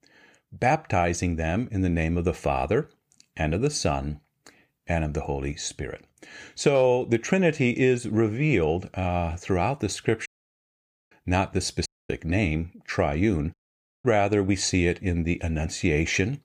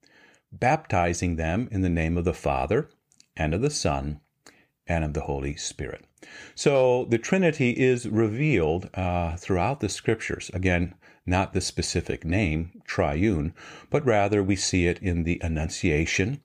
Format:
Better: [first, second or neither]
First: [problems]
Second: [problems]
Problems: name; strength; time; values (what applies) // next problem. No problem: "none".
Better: second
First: audio cutting out; at 10 s for 1 s, at 12 s and at 14 s for 0.5 s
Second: none